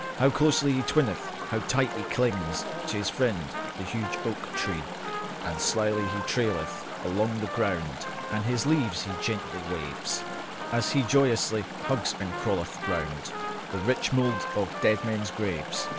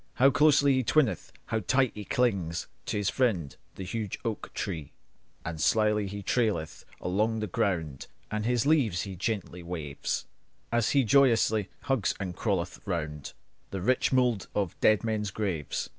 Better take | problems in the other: second | background sound (Chatter / Stream + Trumpet); 6 dB below the speech

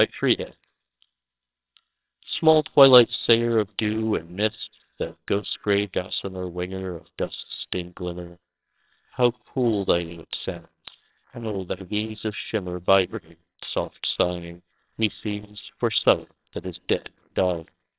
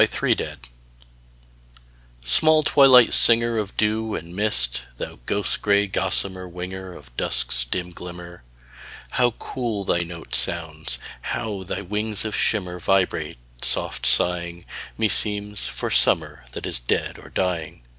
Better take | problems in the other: second | noise reduction (neural separator model SepFormer WHAMR!)

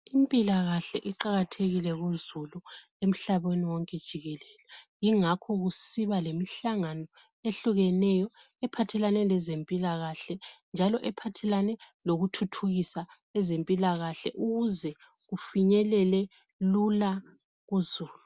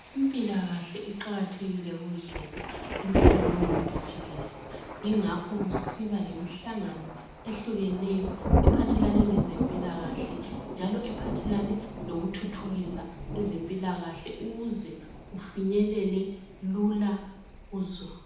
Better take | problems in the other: first | background sound (Thunder); 1 dB above the speech // room echo; dies away in 0.9 s

